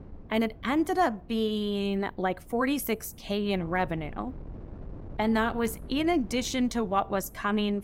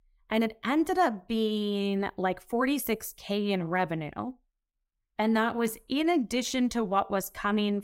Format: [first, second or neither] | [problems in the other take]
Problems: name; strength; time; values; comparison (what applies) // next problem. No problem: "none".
second | wind noise on the microphone; occasional gusts; 25 dB below the speech